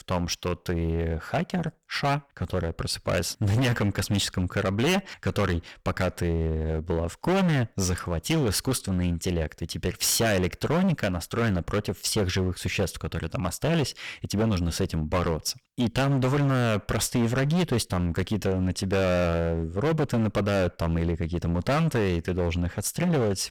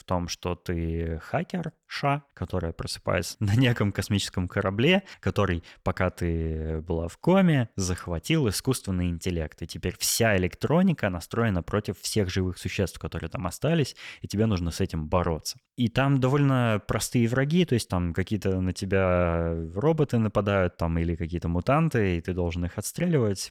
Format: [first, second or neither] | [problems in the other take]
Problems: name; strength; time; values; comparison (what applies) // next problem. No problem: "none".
second | distortion; heavy; 16% of the sound clipped